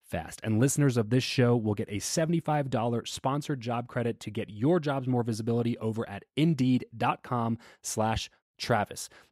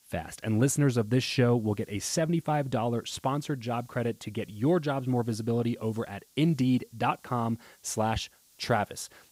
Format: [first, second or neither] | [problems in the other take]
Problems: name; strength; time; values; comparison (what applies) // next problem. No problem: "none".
first | hiss; faint; throughout; 30 dB below the speech